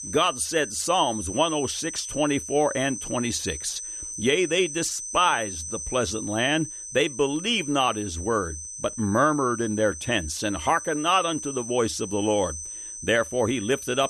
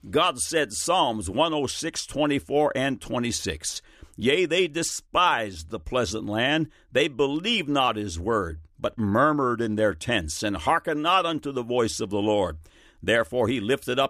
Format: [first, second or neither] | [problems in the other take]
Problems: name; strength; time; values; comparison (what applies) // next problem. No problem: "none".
second | high-pitched whine; loud; throughout; 6 kHz, 9 dB below the speech